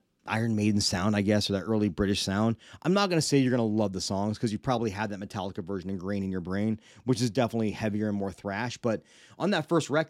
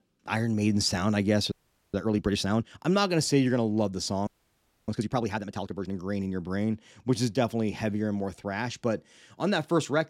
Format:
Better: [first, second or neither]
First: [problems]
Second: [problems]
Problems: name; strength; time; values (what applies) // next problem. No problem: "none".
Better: first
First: none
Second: audio freezing; at 1.5 s and at 4.5 s for 0.5 s